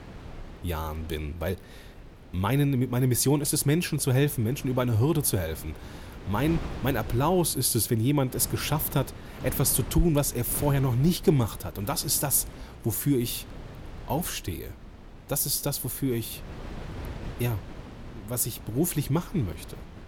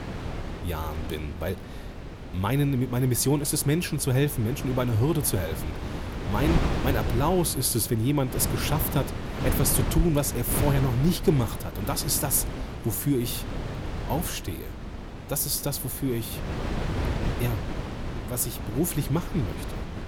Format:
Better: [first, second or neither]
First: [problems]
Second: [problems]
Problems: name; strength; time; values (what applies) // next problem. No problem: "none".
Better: first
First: wind noise on the microphone; occasional gusts; 15 dB below the speech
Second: wind noise on the microphone; heavy; 7 dB below the speech